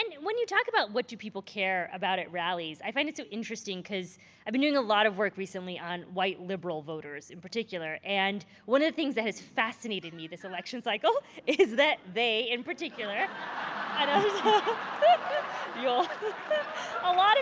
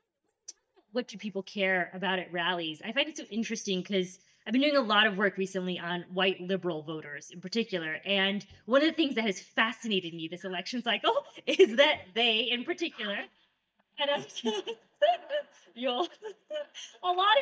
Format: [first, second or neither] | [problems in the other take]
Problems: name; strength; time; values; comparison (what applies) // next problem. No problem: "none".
first | noise reduction (neural mask model DeepFilterNet 3)